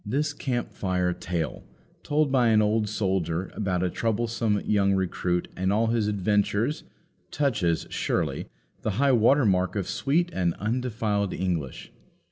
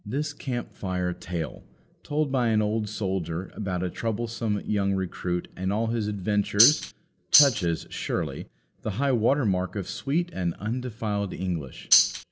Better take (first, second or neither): first